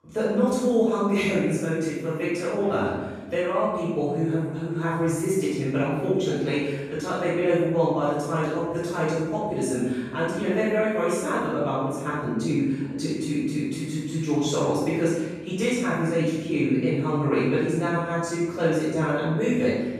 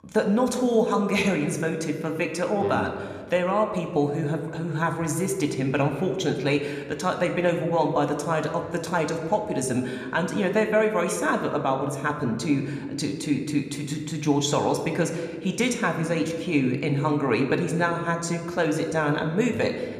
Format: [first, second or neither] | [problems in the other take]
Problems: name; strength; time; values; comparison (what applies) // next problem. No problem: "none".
second | room echo; strong; dies away in 1.1 s; slight in the second // off-mic speech; far